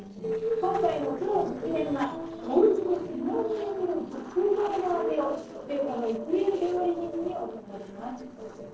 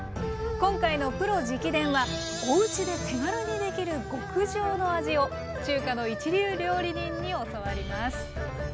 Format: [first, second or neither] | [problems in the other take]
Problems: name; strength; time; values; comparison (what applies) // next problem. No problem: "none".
second | noise reduction (neural separator model SepFormer DNS4)